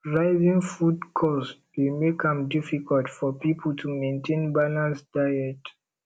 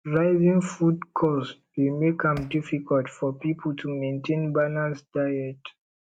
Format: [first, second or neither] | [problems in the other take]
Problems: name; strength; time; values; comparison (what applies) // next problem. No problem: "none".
first | noise reduction (neural mask model DeepFilterNet 3)